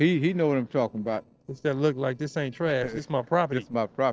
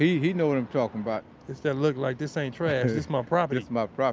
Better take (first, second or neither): second